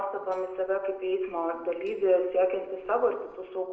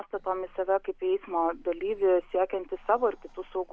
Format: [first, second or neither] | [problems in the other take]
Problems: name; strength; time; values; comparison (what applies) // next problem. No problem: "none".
second | noise reduction (neural separator model SepFormer DNS4)